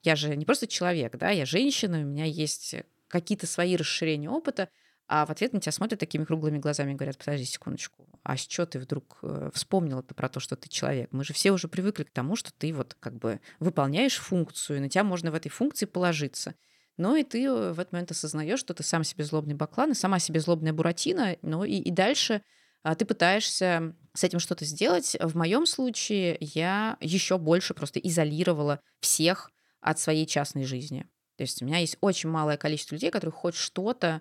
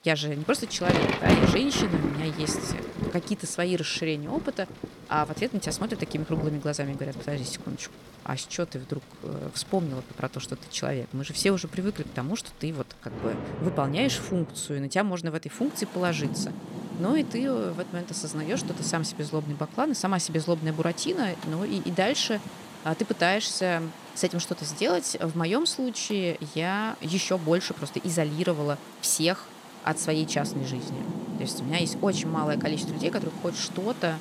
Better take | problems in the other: first | rain or running water; loud; throughout; 6 dB below the speech

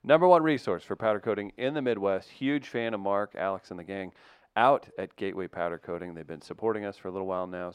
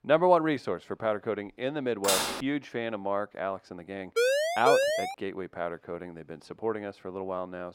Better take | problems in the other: first | clattering dishes; loud; at 2 s; peak 4 dB above the speech // siren; loud; at 4 s; peak 5 dB above the speech

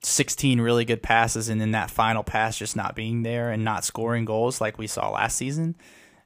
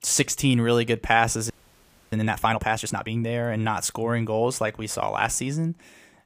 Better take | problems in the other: first | audio freezing; at 1.5 s for 0.5 s

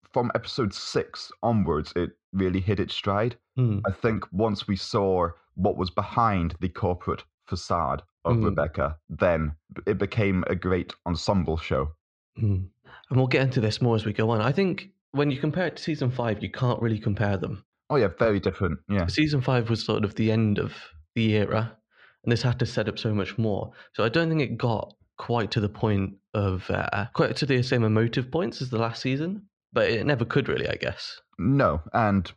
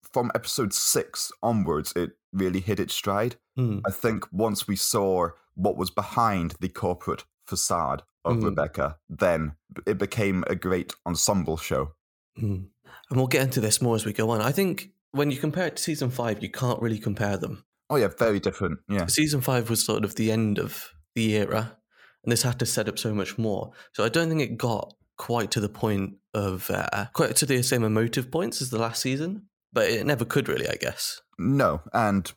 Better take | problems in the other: second | muffled; slightly; fading above 4 kHz

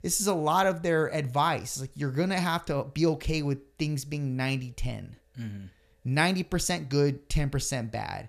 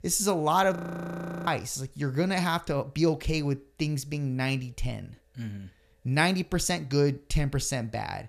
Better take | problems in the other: first | audio freezing; at 1 s for 0.5 s

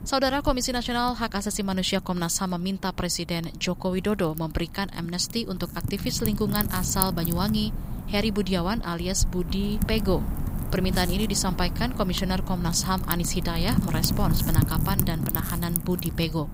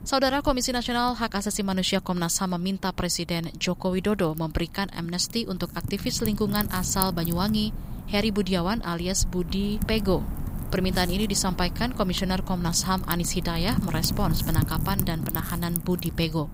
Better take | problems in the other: second | wind noise on the microphone; heavy; 10 dB below the speech; occasional gusts in the second

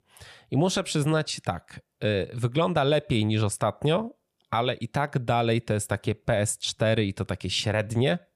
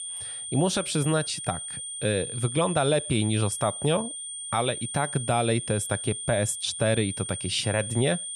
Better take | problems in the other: first | high-pitched whine; loud; throughout; 9 kHz, 6 dB below the speech

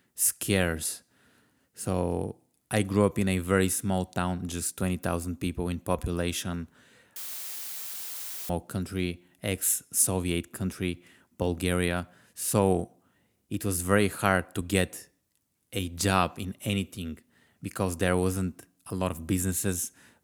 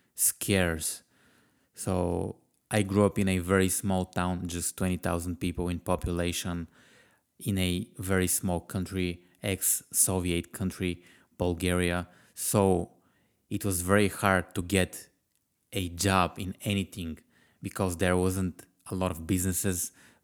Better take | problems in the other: second | audio cutting out; filled with static; at 7 s for 1.5 s

